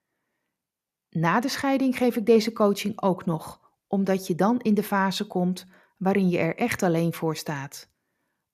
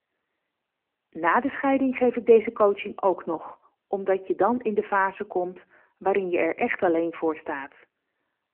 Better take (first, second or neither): first